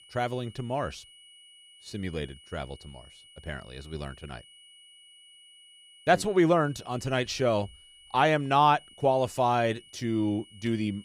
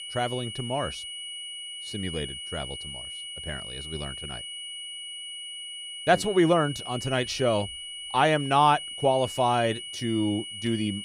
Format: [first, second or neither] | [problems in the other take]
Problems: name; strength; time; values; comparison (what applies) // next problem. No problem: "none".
first | high-pitched whine; loud; throughout; 3 kHz, 9 dB below the speech; faint in the first